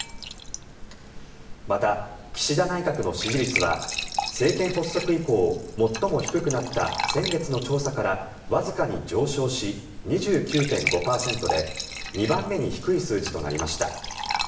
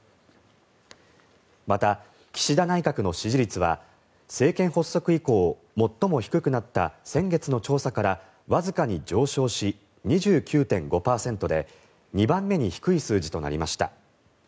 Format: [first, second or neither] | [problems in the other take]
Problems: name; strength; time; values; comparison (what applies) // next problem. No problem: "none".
second | background sound (Fill (with liquid) / Trickle, dribble / Glass); 7 dB below the speech // room echo; dies away in 0.8 s